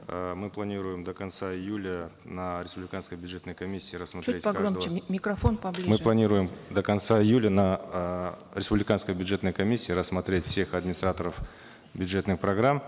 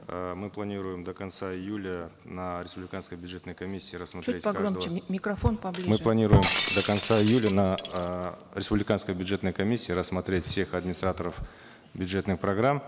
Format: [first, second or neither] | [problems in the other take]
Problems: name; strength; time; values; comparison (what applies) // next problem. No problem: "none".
first | background sound (Shatter); 2 dB below the speech